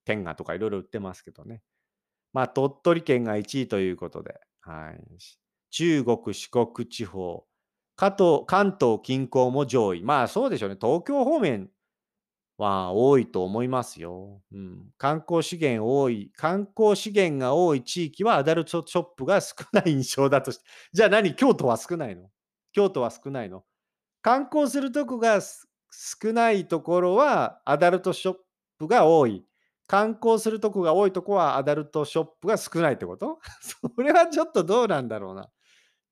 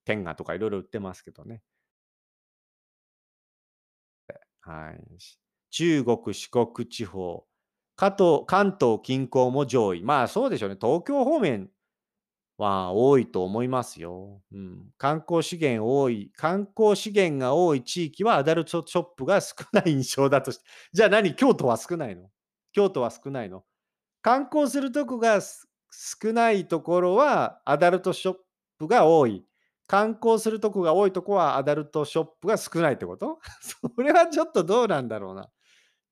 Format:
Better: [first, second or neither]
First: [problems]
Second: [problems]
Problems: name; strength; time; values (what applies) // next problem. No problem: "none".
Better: first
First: none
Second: audio cutting out; at 2 s for 2.5 s